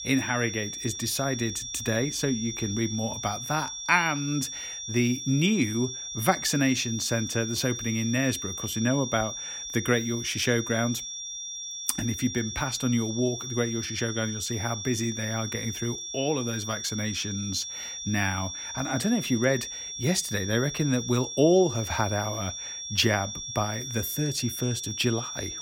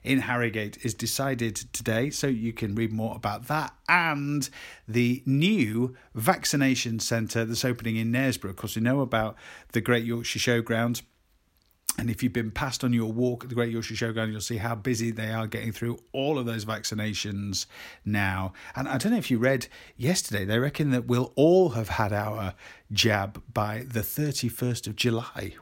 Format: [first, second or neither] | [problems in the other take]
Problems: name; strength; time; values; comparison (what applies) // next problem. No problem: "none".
second | high-pitched whine; loud; throughout; 5.5 kHz, 6 dB below the speech